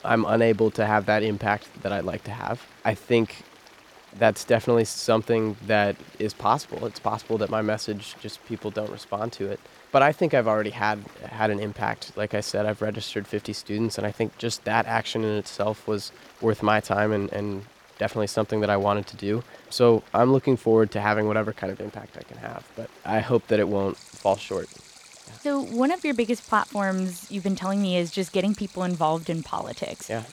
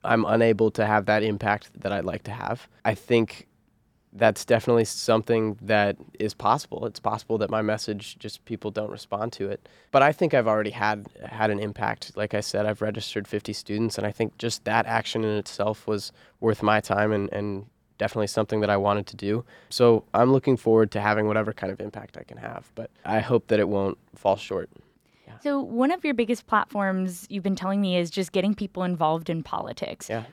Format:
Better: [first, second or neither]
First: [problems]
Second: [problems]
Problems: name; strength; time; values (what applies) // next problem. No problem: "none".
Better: second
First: rain or running water; faint; throughout; 25 dB below the speech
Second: none